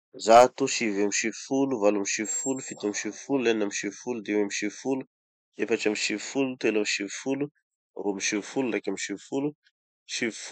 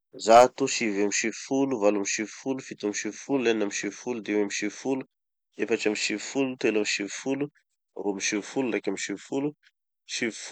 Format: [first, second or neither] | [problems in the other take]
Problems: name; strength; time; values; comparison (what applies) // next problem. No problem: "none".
second | noise reduction (classical method Wiener filter)